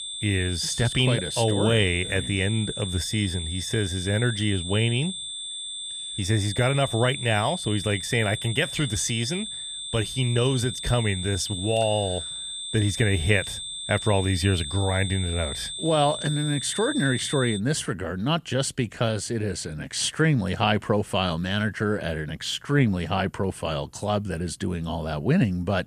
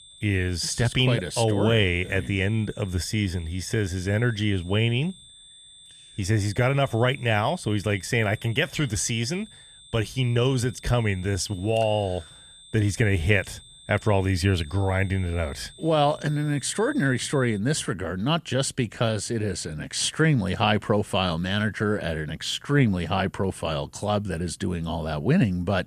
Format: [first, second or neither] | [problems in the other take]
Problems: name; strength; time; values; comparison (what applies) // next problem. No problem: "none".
second | high-pitched whine; loud; until 18 s; 3.5 kHz, 6 dB below the speech; faint in the second